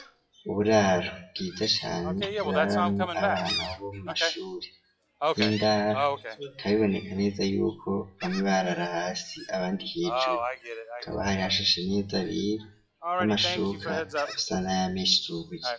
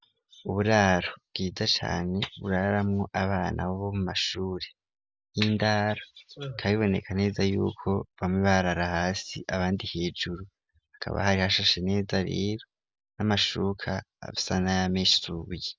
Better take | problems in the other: second | noise reduction (classical method WPE with log-MMSE)

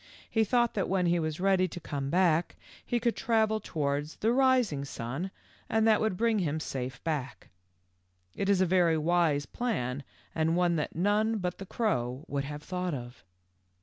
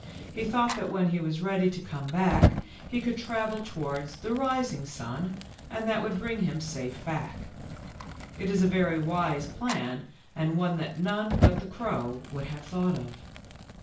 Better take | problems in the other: first | background sound (Fire); 4 dB below the speech // room echo; dies away in 0.3 s

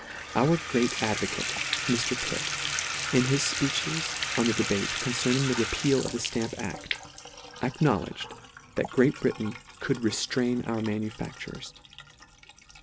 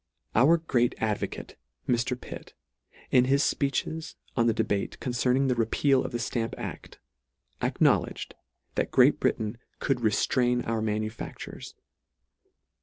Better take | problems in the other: second | background sound (Bathtub (filling or washing) / Water tap, faucet); 5 dB below the speech

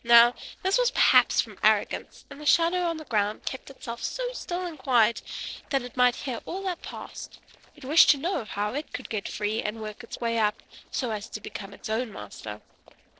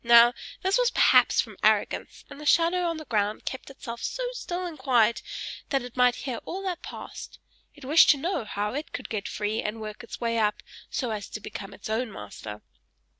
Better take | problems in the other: second | noise reduction (neural separator model SepFormer DNS4)

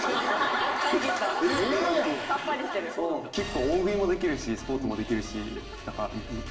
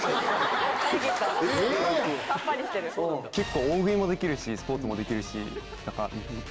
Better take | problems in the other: second | room echo; dies away in 0.9 s

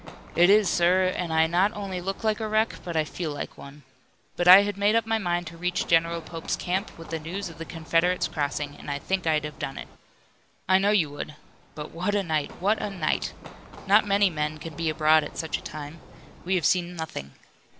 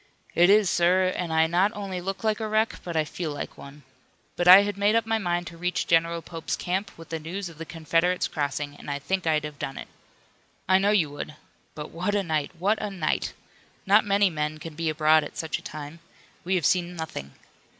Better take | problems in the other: second | background sound (Run); 18 dB below the speech

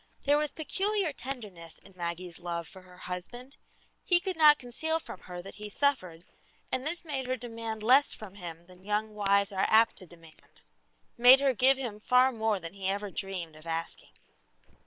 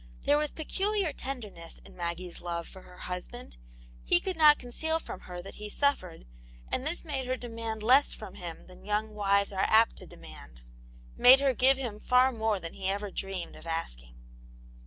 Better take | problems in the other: second | noise reduction (neural separator model SepFormer WHAM!)

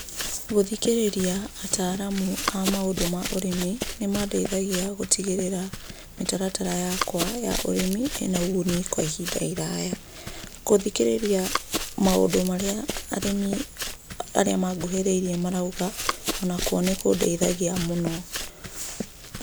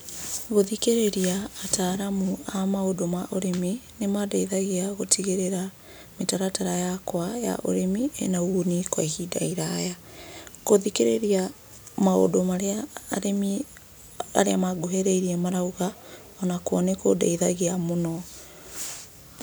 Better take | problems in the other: second | background sound (Run); 8 dB below the speech

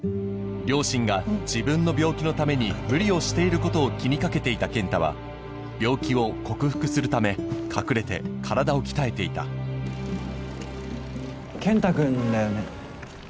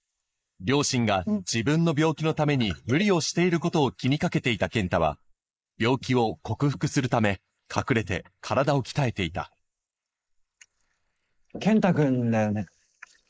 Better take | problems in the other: first | noise reduction (neural mask model Resemble Enhance denoiser)

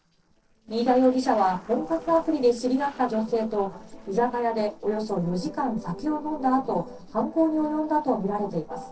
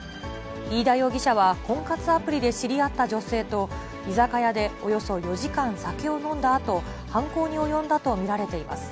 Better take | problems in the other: second | noise reduction (neural separator model SepFormer DNS4)

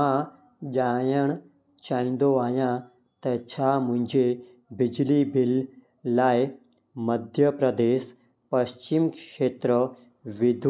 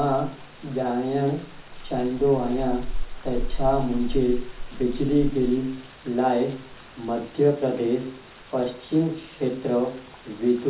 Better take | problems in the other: first | background sound (Rain); 6 dB below the speech // room echo; dies away in 0.4 s

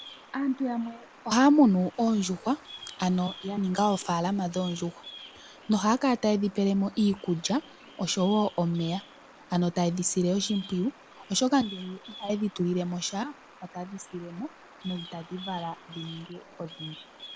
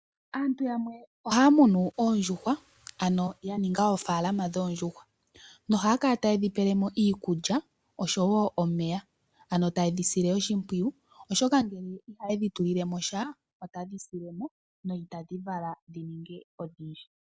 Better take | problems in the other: second | background sound (Bird vocalization, bird call, bird song); 20 dB below the speech

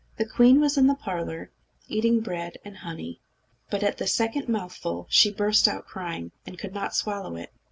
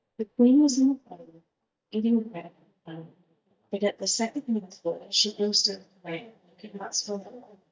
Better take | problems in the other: first | noise reduction (neural mask model DeepFilterNet 3)

